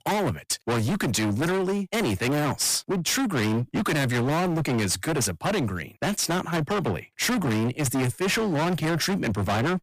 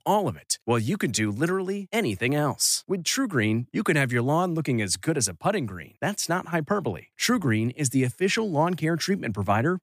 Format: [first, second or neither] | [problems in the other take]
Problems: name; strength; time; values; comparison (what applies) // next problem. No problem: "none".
second | distortion; heavy; 37% of the sound clipped